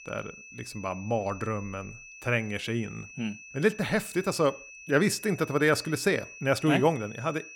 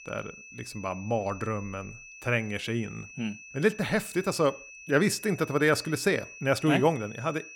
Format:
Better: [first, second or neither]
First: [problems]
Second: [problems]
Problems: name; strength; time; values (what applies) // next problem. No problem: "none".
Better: neither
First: high-pitched whine; noticeable; throughout; 2.5 kHz, 15 dB below the speech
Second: high-pitched whine; noticeable; throughout; 2.5 kHz, 15 dB below the speech